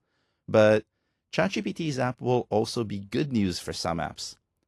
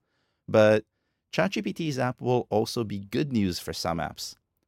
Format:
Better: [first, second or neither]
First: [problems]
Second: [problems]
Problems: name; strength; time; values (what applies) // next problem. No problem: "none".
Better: second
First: garbled, watery; slightly; nothing above 12 kHz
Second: none